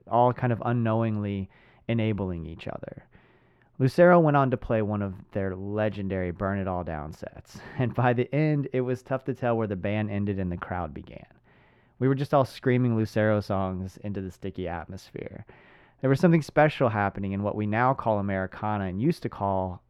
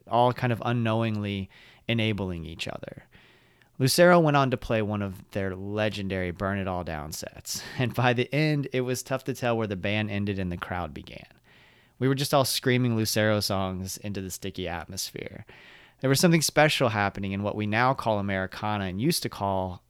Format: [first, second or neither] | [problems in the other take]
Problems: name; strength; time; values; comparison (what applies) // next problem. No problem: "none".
second | muffled; very; fading above 3 kHz